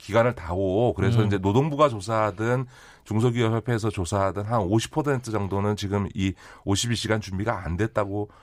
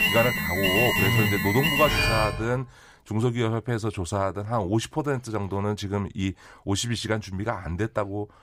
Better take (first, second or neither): first